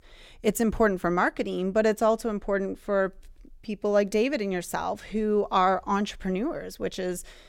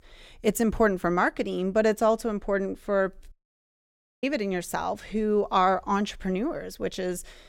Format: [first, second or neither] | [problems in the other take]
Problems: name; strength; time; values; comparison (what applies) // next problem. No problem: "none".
first | audio cutting out; at 3.5 s for 1 s